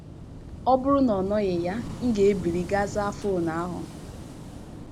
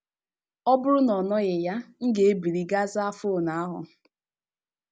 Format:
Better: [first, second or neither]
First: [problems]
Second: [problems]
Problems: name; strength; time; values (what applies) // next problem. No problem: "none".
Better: second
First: background sound (Waves, surf / Wind); 11 dB below the speech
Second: none